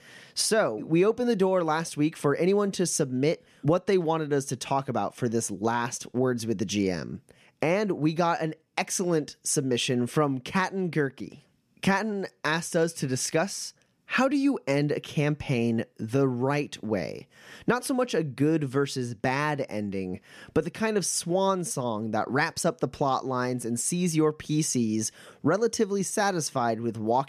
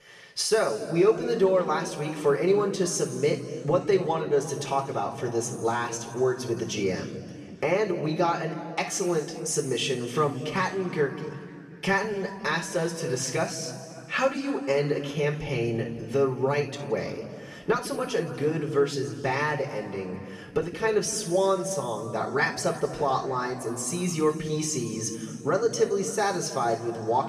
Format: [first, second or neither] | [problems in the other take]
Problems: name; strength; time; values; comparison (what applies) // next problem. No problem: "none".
first | room echo; noticeable; dies away in 2.2 s // off-mic speech; somewhat distant